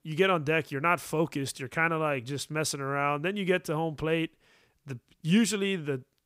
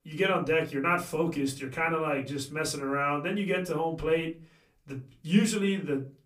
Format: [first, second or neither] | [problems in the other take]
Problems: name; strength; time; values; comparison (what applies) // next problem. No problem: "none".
first | off-mic speech; far // room echo; very slight; dies away in 0.2 s